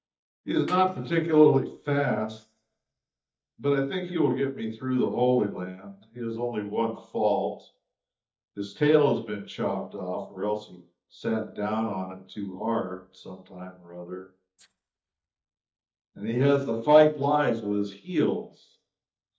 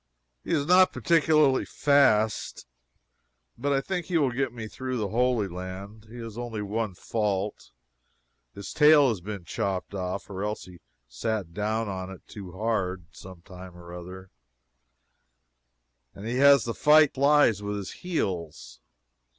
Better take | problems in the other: second | noise reduction (neural mask model DeepFilterNet 3)

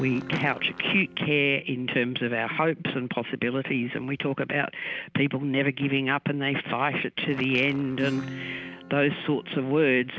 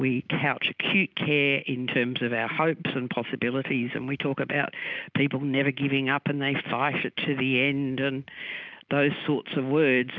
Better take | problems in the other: second | background sound (Acoustic guitar / Strum + Fart); 16 dB below the speech

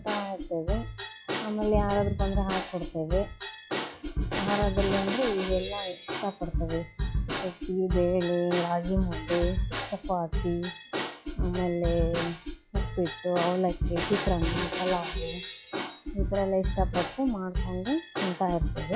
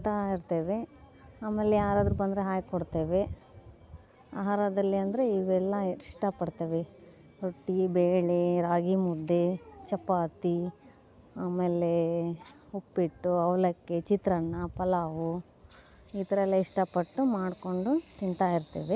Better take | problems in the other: second | noise reduction (classical method log-MMSE)

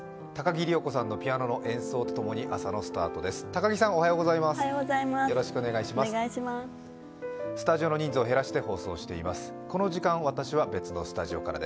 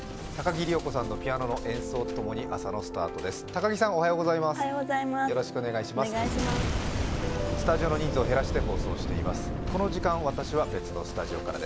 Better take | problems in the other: first | background sound (Boom); 4 dB below the speech

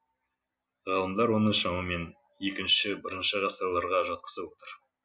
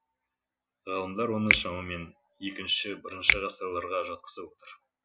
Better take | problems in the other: first | background sound (Finger snapping); 2 dB above the speech

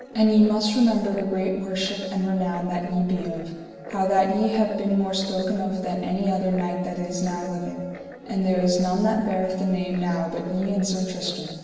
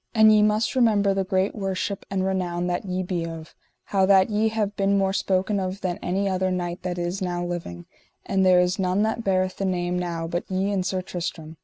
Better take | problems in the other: second | background sound (Guitar); 14 dB below the speech // room echo; dies away in 1.2 s

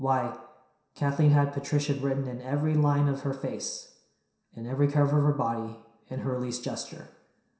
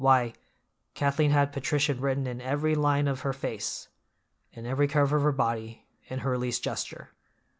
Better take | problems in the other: second | room echo; dies away in 0.7 s

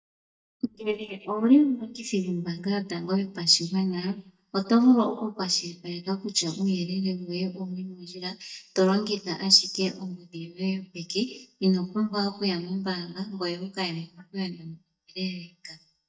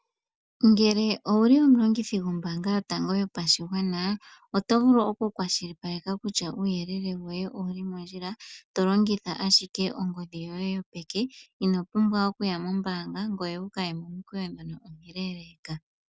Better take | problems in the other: second | noise reduction (neural mask model DeepFilterNet 3)

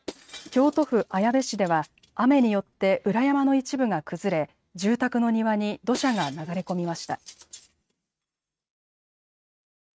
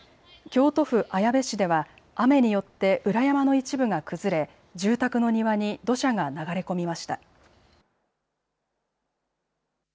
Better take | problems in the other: second | noise reduction (neural mask model RNNoise)

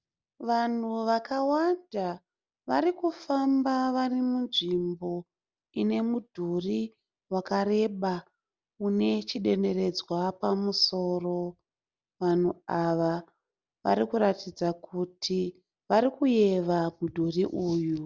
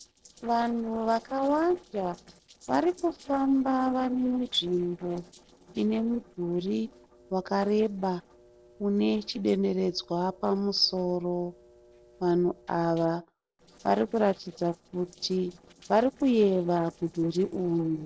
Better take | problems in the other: first | noise reduction (neural separator model SepFormer DNS4)

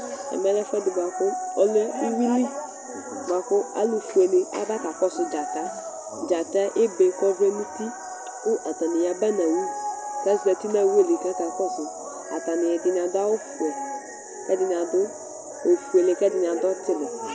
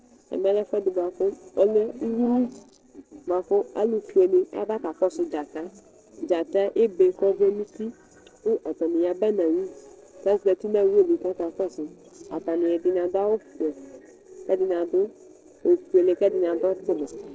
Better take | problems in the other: first | noise reduction (neural separator model SepFormer DNS4)

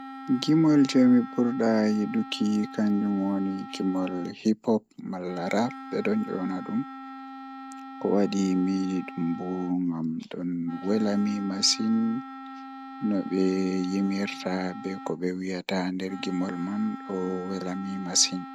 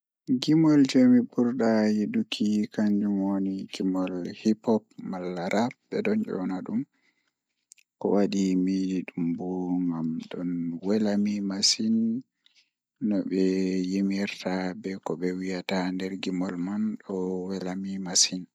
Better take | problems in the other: second | background sound (Wind instrument, woodwind instrument); 14 dB below the speech

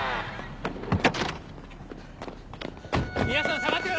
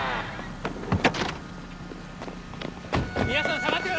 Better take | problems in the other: first | background sound (Engine); 13 dB below the speech

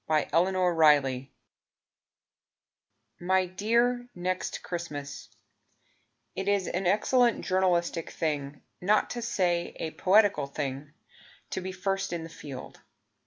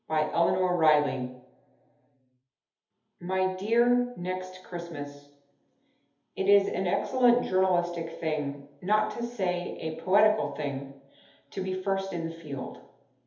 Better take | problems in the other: first | room echo; dies away in 0.8 s

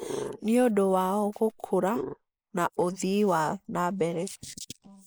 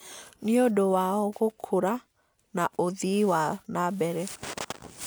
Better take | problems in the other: second | noise reduction (neural mask model Resemble Enhance denoiser)

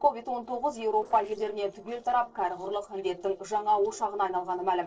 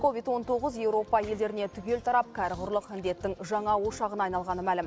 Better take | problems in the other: second | noise reduction (neural separator model SepFormer DNS4)

